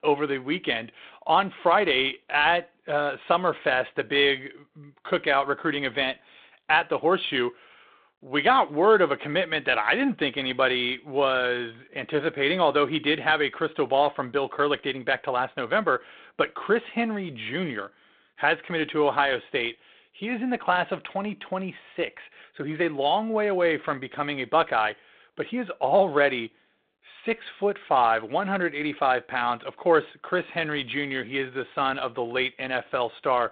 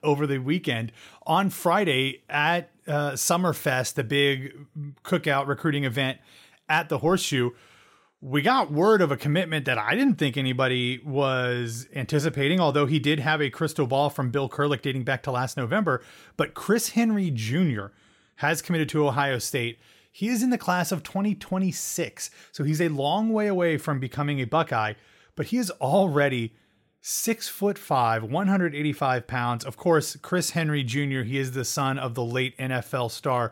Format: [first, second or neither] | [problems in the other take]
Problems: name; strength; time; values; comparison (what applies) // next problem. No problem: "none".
second | phone-call audio